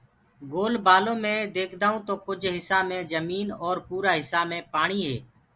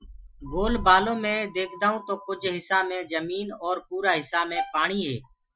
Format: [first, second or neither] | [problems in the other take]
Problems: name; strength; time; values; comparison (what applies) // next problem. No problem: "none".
first | noise reduction (classical method Wiener filter)